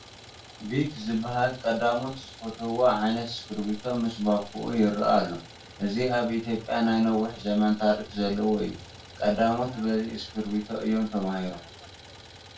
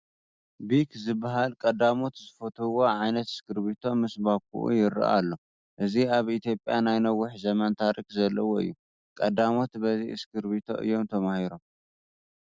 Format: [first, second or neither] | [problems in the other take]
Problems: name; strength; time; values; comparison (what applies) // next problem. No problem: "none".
second | background sound (Idling); 19 dB below the speech // room echo; dies away in 0.2 s